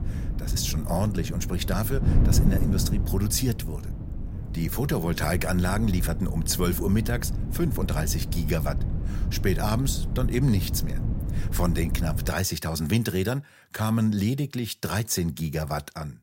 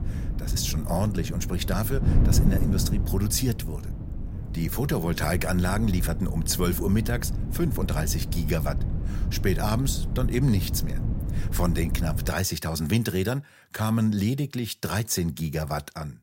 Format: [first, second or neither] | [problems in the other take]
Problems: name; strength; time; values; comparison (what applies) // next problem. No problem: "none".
neither | wind noise on the microphone; occasional gusts; until 12 s; 10 dB below the speech; the same in both